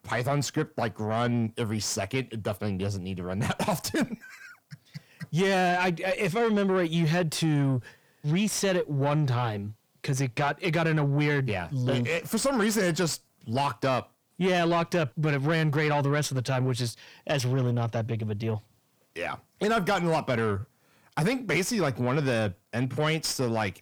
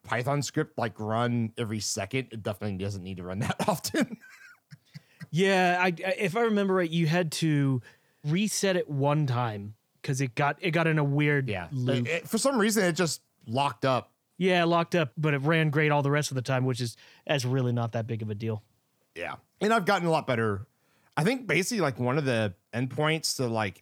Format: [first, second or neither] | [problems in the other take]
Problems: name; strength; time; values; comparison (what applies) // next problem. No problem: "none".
second | distortion; slight; 10 dB below the speech